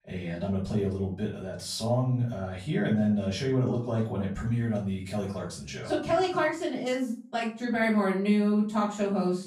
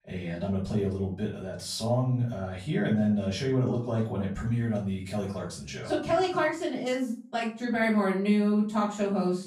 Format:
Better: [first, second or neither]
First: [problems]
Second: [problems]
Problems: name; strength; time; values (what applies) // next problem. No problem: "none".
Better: neither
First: off-mic speech; far // room echo; slight; dies away in 0.4 s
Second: off-mic speech; far // room echo; slight; dies away in 0.4 s